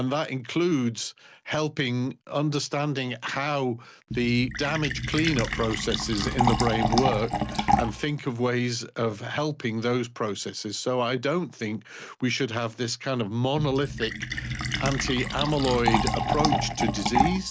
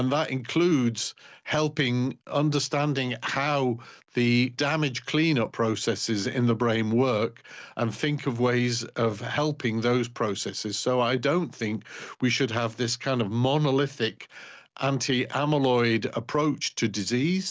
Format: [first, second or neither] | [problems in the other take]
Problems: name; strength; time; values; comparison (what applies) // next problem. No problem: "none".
second | background sound (Fill (with liquid)); 4 dB below the speech